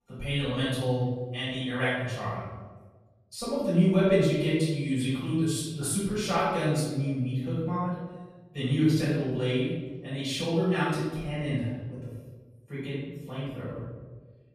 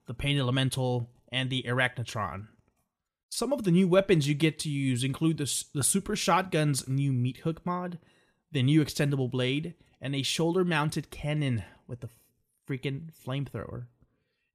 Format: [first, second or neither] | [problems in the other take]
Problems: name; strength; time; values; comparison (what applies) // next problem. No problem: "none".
second | off-mic speech; far // room echo; strong; dies away in 1.3 s